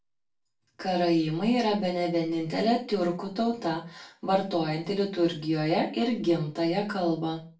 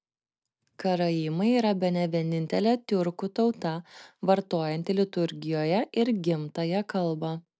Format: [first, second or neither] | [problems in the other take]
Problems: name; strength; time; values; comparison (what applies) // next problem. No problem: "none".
second | room echo; dies away in 0.3 s